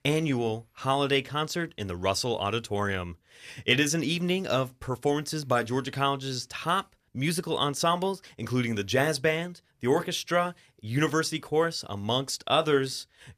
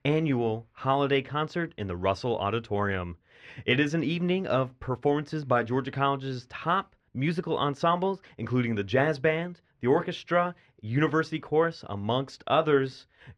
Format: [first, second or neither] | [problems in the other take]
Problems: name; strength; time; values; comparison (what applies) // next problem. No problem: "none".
first | muffled; slightly; fading above 2.5 kHz